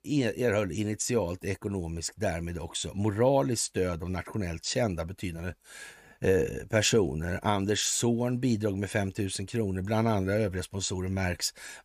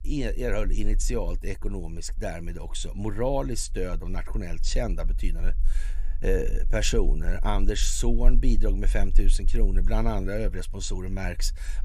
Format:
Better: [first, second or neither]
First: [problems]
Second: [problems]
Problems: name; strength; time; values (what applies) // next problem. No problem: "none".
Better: first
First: none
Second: low rumble; faint; throughout; 25 dB below the speech